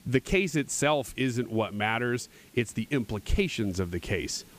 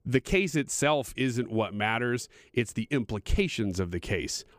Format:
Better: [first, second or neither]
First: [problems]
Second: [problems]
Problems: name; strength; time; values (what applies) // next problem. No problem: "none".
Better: second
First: hiss; faint; throughout; 25 dB below the speech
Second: none